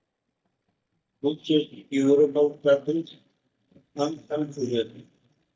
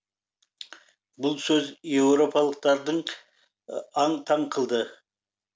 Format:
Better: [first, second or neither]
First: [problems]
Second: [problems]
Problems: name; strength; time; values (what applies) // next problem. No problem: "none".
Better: second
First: noise reduction (neural mask model DeepFilterNet 3)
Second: none